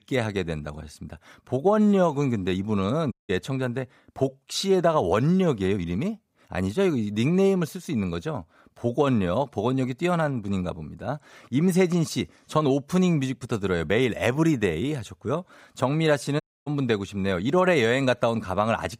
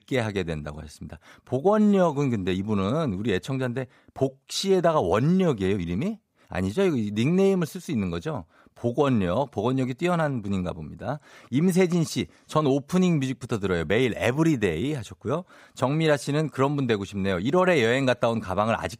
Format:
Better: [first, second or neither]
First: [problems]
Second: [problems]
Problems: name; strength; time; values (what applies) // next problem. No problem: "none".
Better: second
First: audio cutting out; at 3 s and at 16 s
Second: none